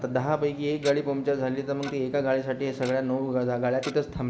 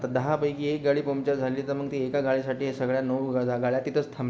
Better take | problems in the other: second | background sound (Tick-tock); 19 dB below the speech

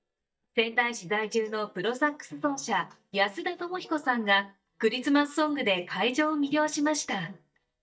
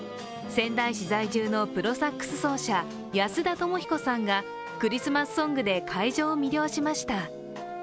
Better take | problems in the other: second | noise reduction (neural mask model DeepFilterNet 3)

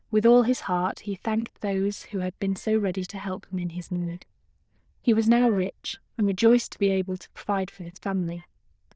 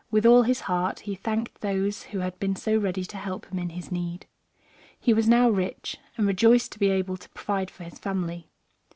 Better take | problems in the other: second | noise reduction (neural diffusion model UNIVERSE++)

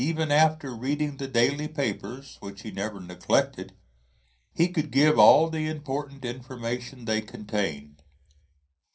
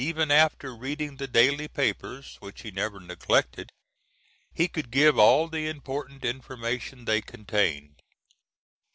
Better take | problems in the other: second | room echo; dies away in 0.3 s

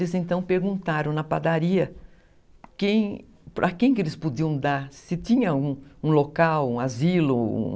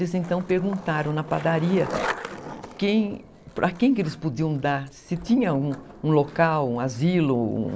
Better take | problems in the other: first | background sound (Skateboard); 14 dB below the speech

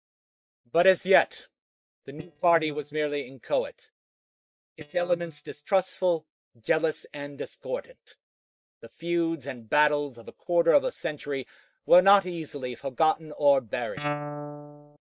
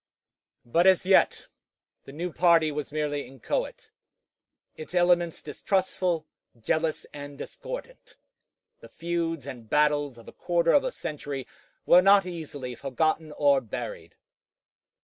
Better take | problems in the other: second | noise reduction (neural mask model DeepFilterNet 3)

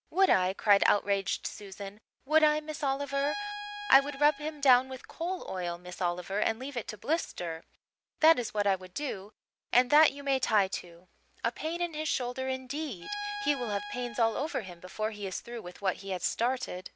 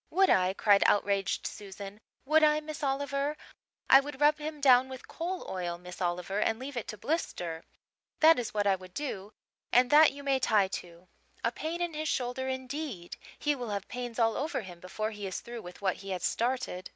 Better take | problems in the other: second | background sound (Bowed string instrument); 11 dB below the speech

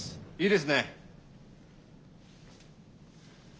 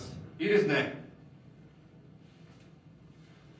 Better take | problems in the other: first | room echo; dies away in 0.6 s

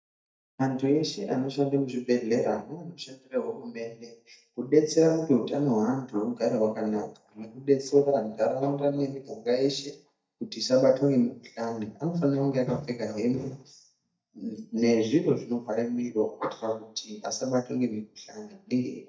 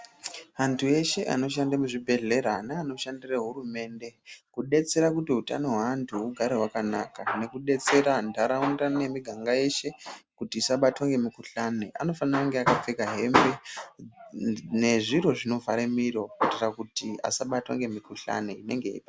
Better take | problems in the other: second | noise reduction (neural mask model DeepFilterNet 3)

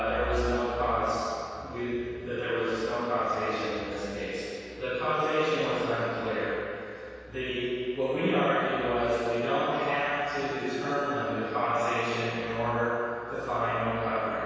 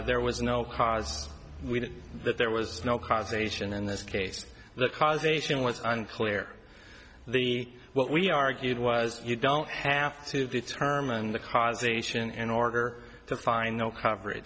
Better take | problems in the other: second | room echo; dies away in 2.2 s

